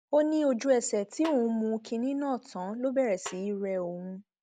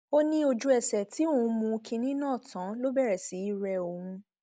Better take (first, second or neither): second